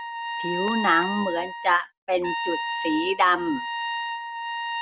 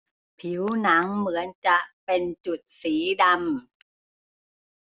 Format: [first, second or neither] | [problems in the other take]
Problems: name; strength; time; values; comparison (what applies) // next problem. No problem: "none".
second | background sound (Trumpet); 4 dB below the speech